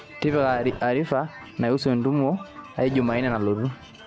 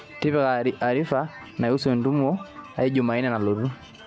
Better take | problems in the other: second | background sound (Growling); 14 dB below the speech

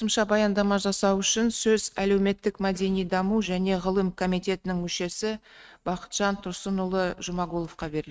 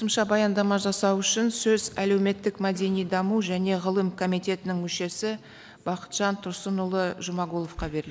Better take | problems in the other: second | noise reduction (neural mask model RNNoise)

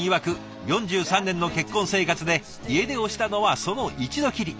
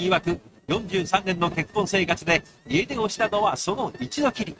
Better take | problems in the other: first | noise reduction (neural mask model RNNoise)

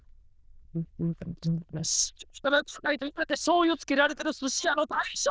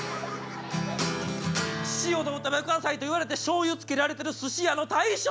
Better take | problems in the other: second | noise reduction (neural diffusion model UNIVERSE++)

